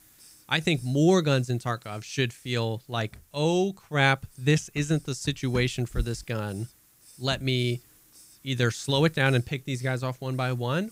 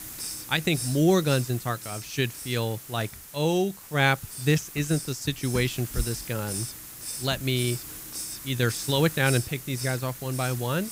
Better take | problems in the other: first | hiss; loud; throughout; 9 dB below the speech; faint in the first

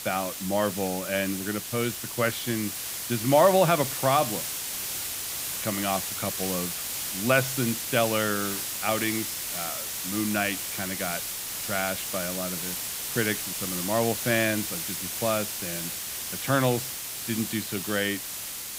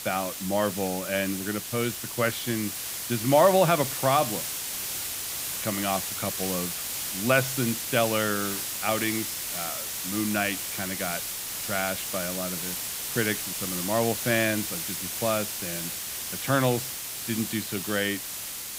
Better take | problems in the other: neither | hiss; loud; throughout; 2 dB below the speech; the same in both

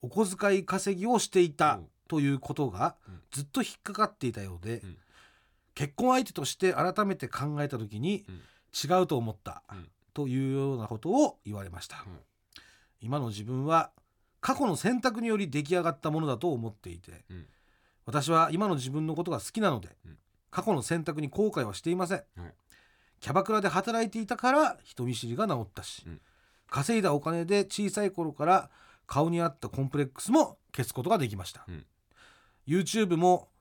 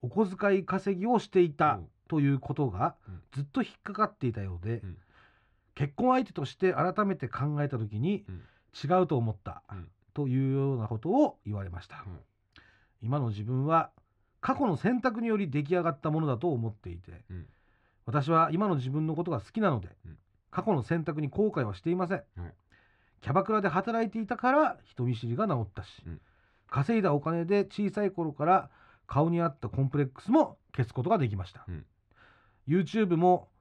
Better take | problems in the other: first | muffled; slightly; fading above 2.5 kHz

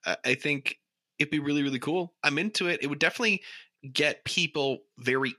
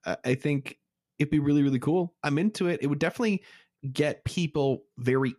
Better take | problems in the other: second | thin; very slightly; fading below 750 Hz

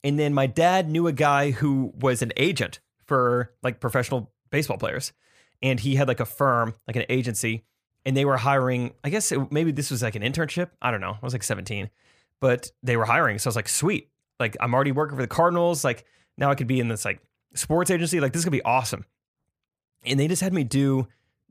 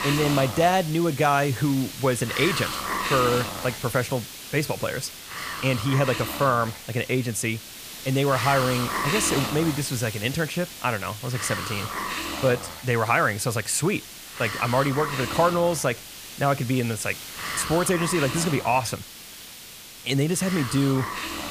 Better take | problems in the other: first | hiss; loud; throughout; 7 dB below the speech

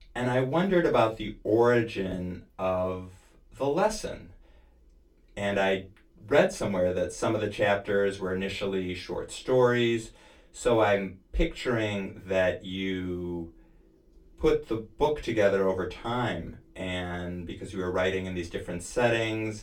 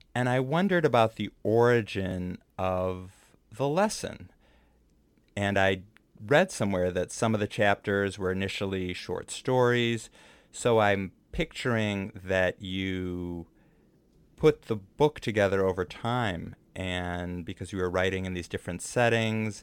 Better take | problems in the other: second | off-mic speech; far // room echo; very slight; dies away in 0.2 s

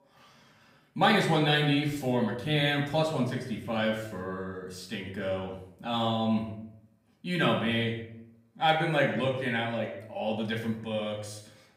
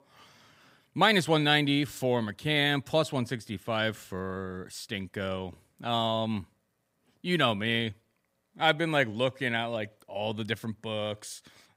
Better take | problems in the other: second | off-mic speech; far // room echo; noticeable; dies away in 0.6 s

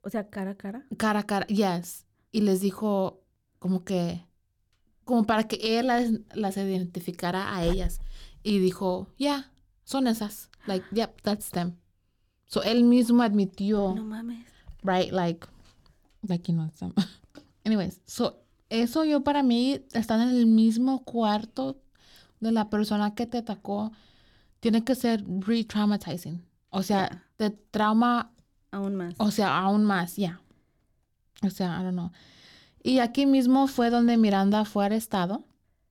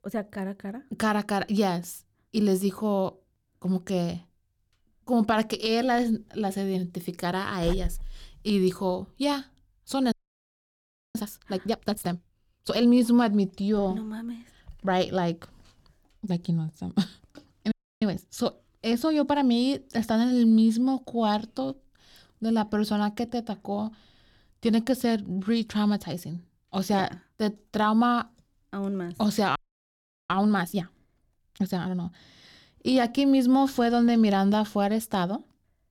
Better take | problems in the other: first | audio freezing; at 10 s for 1 s, at 18 s and at 30 s for 0.5 s

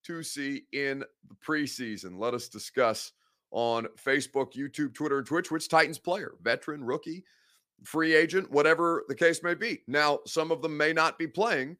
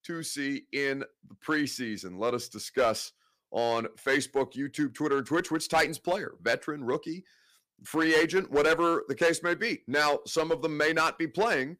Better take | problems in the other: first | distortion; slight; 3% of the sound clipped

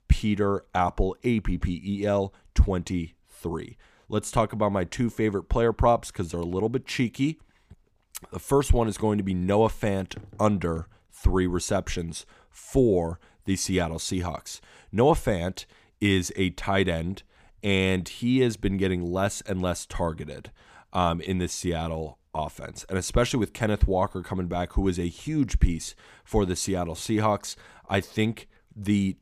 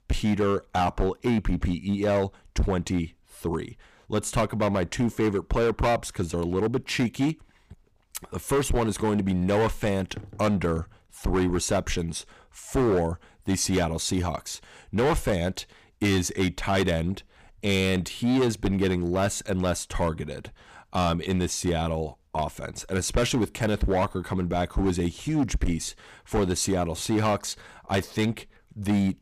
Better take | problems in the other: first | distortion; heavy; 10% of the sound clipped

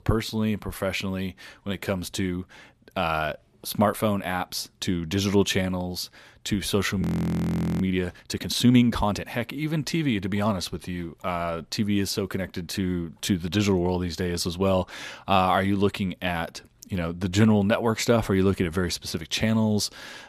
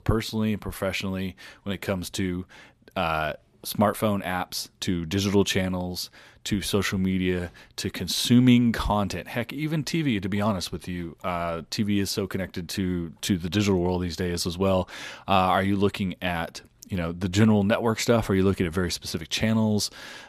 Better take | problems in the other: second | audio freezing; at 7 s for 1 s

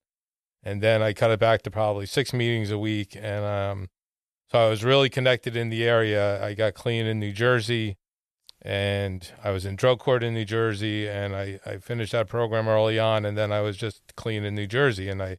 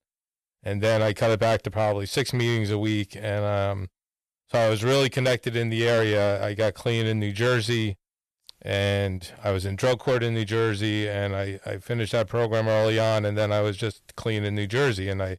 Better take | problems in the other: first | distortion; slight; 9% of the sound clipped

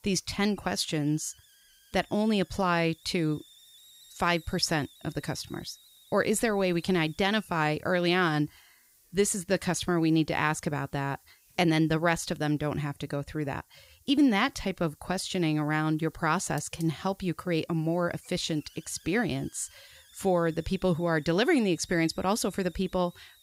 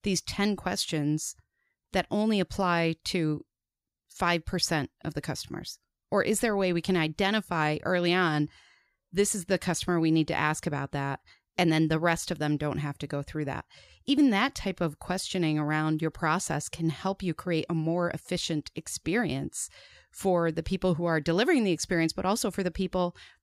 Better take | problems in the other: second | hiss; faint; throughout; 25 dB below the speech

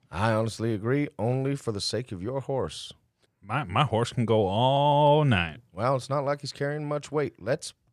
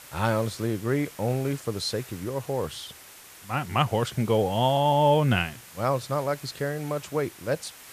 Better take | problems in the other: first | hiss; noticeable; throughout; 20 dB below the speech

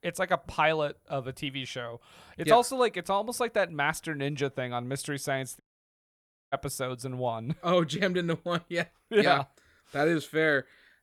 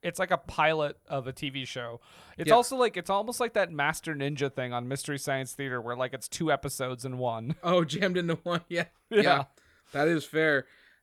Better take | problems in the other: second | audio cutting out; at 5.5 s for 1 s

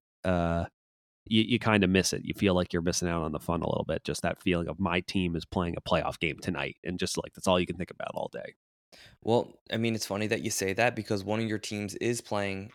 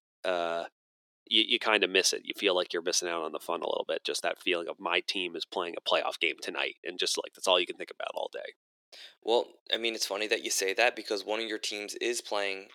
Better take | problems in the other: first | thin; very; fading below 350 Hz

